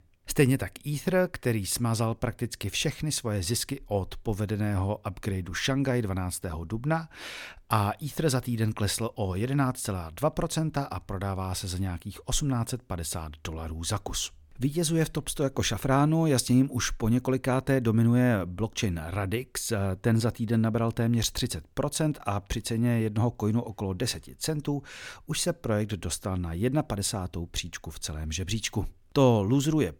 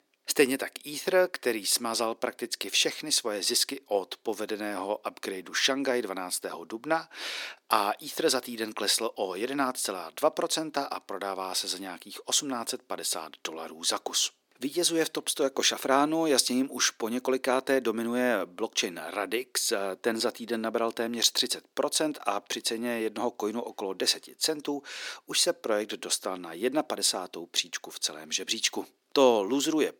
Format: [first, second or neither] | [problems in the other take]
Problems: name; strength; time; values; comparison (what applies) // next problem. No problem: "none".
first | thin; somewhat; fading below 300 Hz